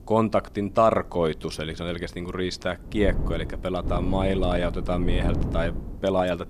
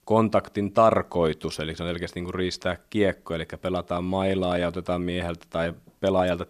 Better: second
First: wind noise on the microphone; occasional gusts; 15 dB below the speech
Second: none

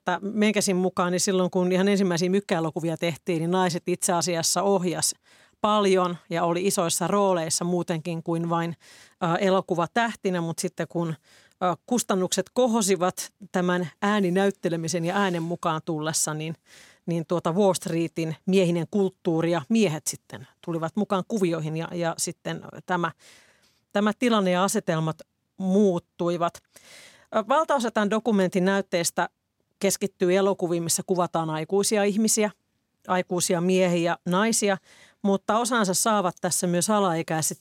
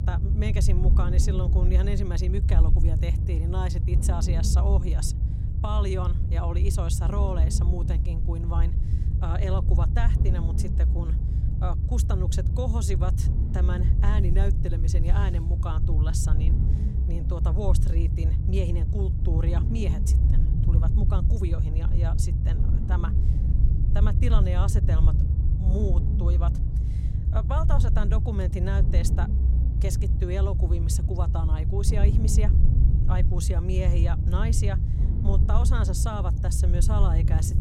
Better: first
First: none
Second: low rumble; loud; throughout; 4 dB below the speech

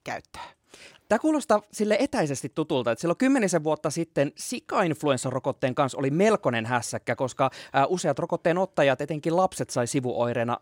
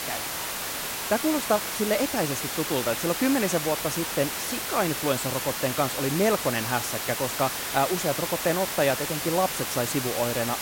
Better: first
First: none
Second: hiss; loud; throughout; 2 dB below the speech

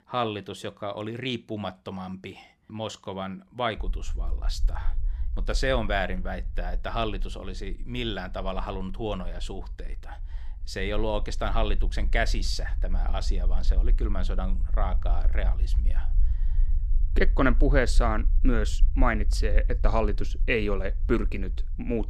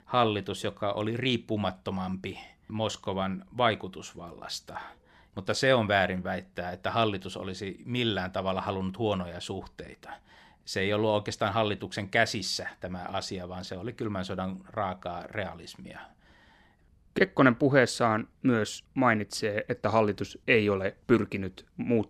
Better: second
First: low rumble; faint; from 4 s on; 25 dB below the speech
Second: none

